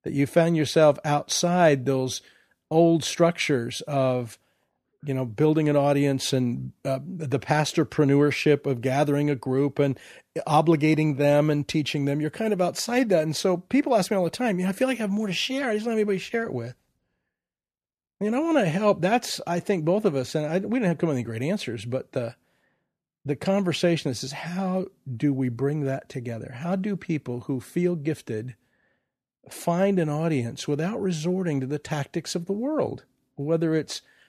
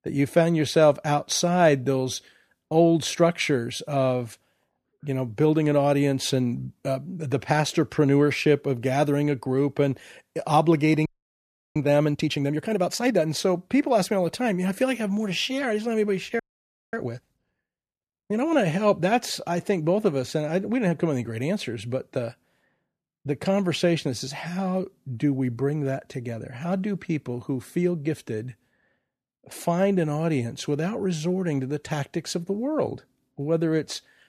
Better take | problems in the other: first | audio freezing; at 11 s for 0.5 s and at 16 s for 0.5 s

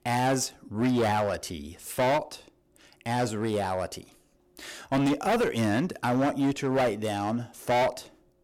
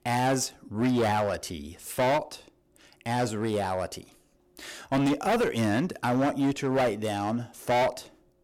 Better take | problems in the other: neither | distortion; heavy; 12% of the sound clipped; the same in both

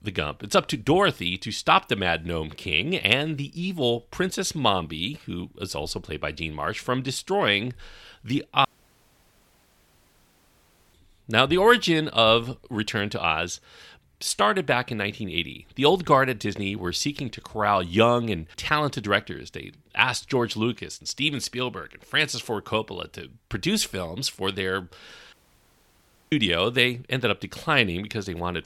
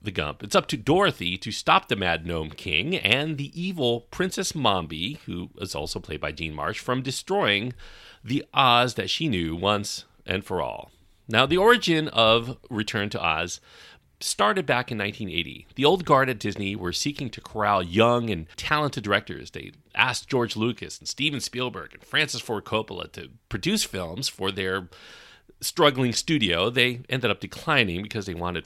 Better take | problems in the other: second | audio cutting out; at 8.5 s for 2.5 s and at 25 s for 1 s

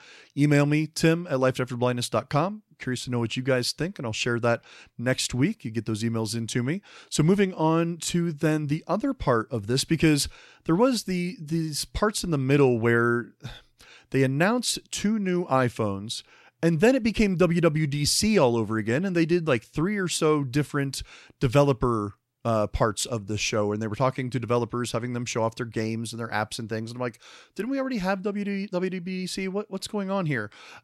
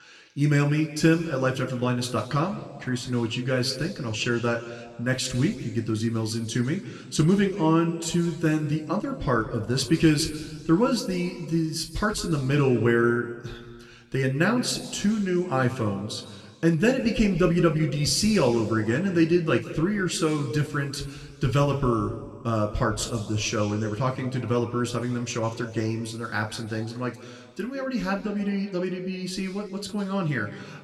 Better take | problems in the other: first | room echo; slight; dies away in 1.4 s

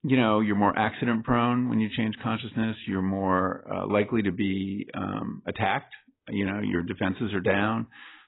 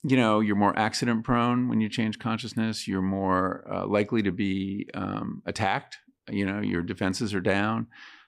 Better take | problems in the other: second | garbled, watery; badly; nothing above 4 kHz

